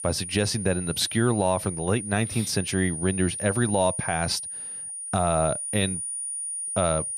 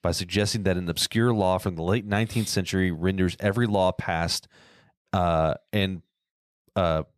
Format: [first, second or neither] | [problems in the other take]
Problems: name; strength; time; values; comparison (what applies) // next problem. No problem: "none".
second | high-pitched whine; loud; throughout; 9.5 kHz, 5 dB below the speech